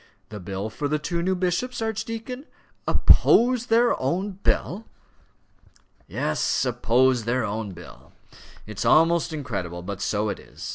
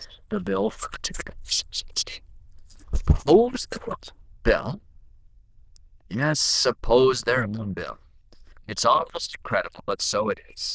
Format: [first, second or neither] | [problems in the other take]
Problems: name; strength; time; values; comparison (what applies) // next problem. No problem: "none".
first | noise reduction (neural diffusion model UNIVERSE++)